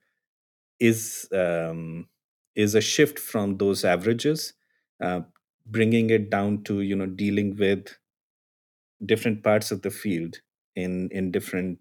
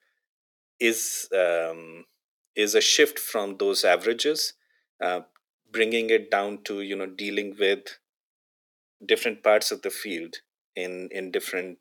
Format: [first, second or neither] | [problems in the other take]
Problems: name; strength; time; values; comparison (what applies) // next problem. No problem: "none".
first | thin; somewhat; fading below 400 Hz